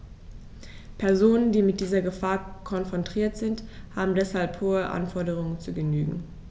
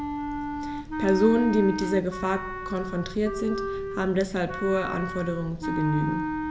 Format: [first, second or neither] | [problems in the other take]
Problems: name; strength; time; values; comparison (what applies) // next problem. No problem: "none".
first | background sound (Wind instrument, woodwind instrument); 5 dB below the speech